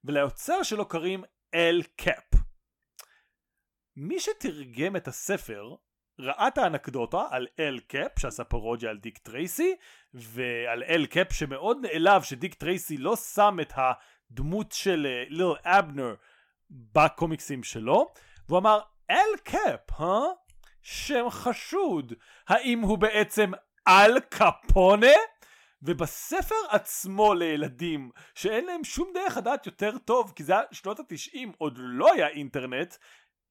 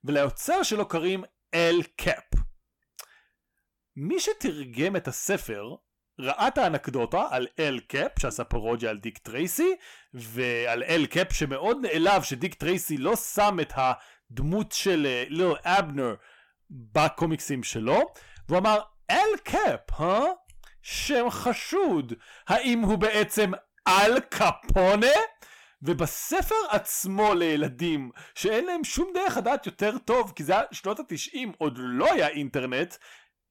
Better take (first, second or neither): first